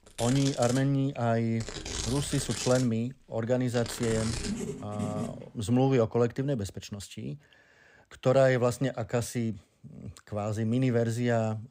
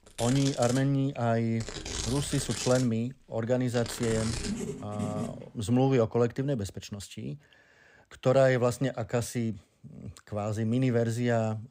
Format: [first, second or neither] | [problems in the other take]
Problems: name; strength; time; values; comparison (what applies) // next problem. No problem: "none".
neither | household noises; loud; until 5.5 s; 8 dB below the speech; the same in both